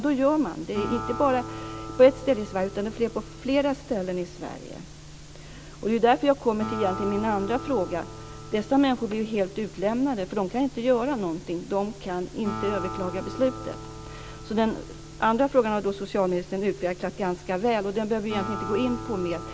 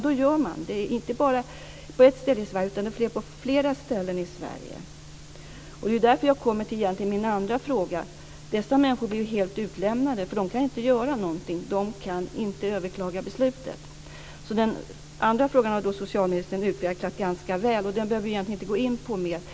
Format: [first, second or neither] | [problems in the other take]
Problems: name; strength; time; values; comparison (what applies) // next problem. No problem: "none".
second | background sound (Acoustic guitar); 13 dB below the speech